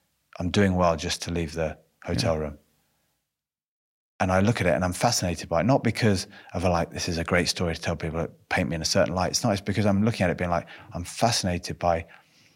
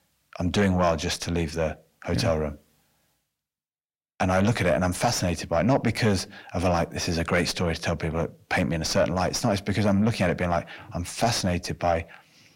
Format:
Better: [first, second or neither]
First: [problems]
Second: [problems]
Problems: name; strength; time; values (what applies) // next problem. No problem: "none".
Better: first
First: none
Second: distortion; slight; 10 dB below the speech